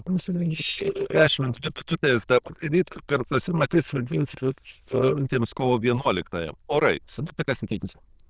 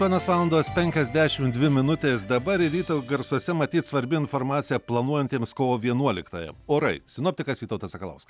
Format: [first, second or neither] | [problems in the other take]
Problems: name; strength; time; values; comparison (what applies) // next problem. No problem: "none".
second | noise reduction (neural diffusion model UNIVERSE++)